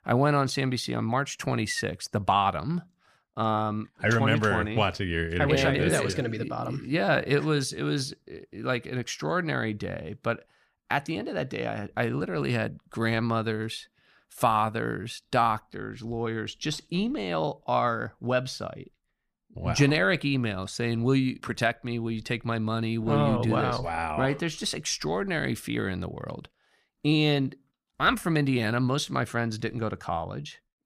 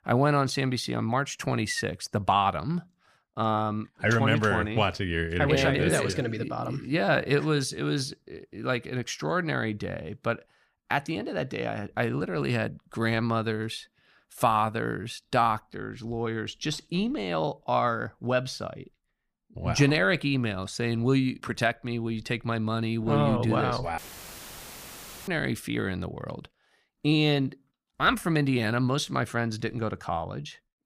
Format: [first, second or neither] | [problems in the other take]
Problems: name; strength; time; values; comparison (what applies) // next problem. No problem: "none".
first | audio cutting out; filled with static; at 24 s for 1.5 s